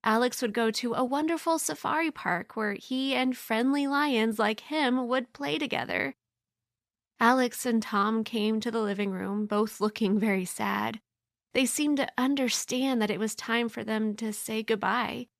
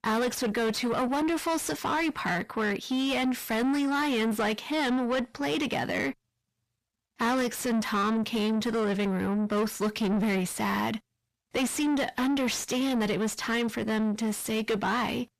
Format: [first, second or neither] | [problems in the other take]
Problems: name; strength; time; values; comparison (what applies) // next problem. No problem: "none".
first | distortion; heavy; 7 dB below the speech